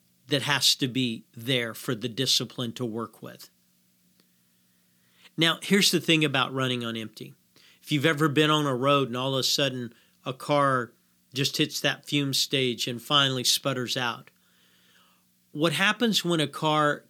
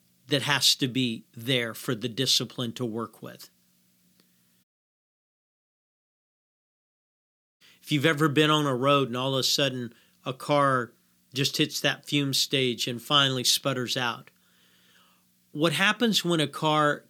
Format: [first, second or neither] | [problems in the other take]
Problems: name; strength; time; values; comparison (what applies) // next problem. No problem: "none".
first | audio cutting out; at 4.5 s for 3 s